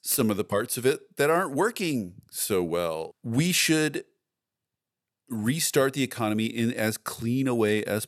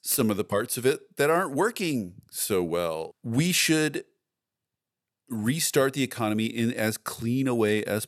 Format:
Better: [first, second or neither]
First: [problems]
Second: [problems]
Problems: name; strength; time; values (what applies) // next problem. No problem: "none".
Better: neither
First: none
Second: none